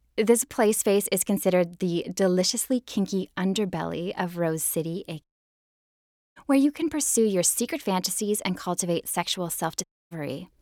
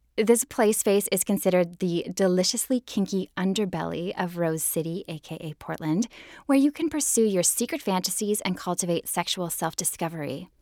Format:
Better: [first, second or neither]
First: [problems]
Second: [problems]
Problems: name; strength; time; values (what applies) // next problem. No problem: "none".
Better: second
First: audio cutting out; at 5 s for 1 s and at 10 s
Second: none